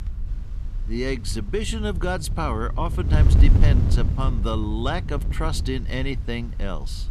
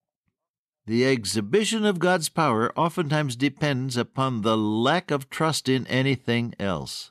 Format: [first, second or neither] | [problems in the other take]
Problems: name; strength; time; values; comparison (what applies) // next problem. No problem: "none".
second | wind noise on the microphone; heavy; 8 dB below the speech